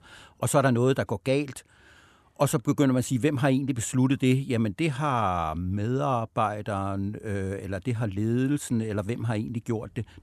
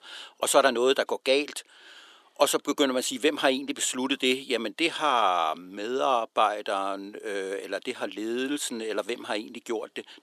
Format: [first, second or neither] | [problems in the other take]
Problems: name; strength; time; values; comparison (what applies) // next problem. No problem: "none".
first | thin; somewhat; fading below 350 Hz